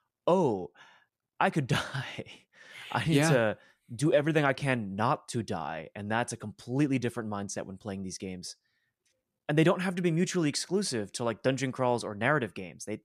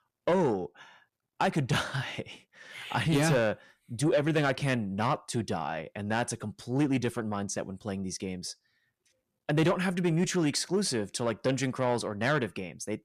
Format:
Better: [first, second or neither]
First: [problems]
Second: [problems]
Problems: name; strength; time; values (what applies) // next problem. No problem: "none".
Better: first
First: none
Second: distortion; slight; 10 dB below the speech